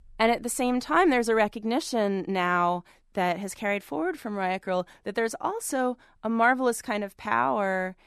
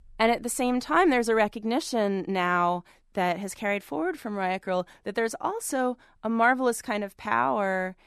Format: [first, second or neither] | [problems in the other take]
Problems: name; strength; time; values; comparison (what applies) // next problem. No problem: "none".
neither | none